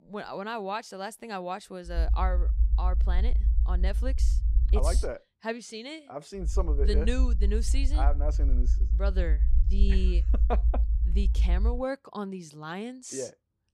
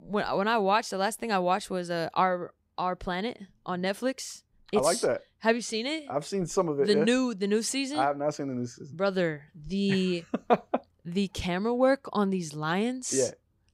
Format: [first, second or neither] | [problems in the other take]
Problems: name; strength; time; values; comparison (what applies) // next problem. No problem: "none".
second | low rumble; noticeable; from 2 to 5 s and from 6.5 to 12 s; 15 dB below the speech